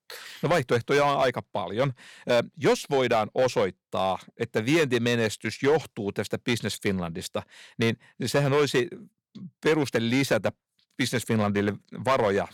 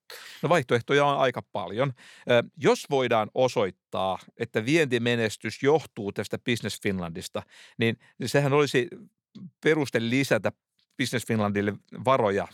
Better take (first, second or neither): second